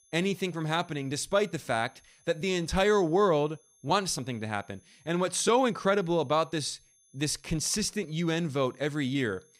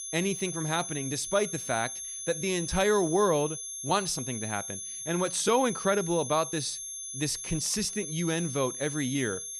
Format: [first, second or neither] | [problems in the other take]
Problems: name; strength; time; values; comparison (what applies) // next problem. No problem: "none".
first | high-pitched whine; loud; throughout; 6.5 kHz, 6 dB below the speech; faint in the first